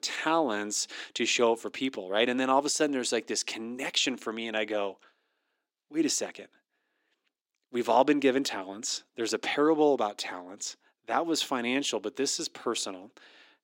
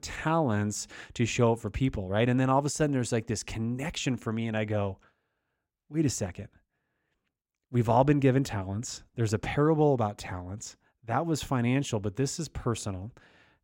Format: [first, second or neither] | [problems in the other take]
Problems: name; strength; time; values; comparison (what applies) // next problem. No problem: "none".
second | thin; very slightly; fading below 300 Hz